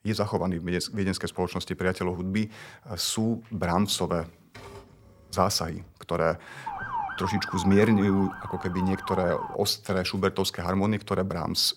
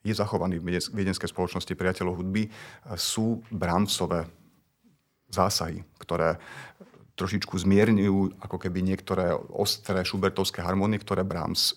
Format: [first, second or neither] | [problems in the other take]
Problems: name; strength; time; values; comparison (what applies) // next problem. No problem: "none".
second | keyboard typing; faint; from 4.5 to 6 s; peak 20 dB below the speech // siren; noticeable; from 6.5 to 9.5 s; peak 4 dB below the speech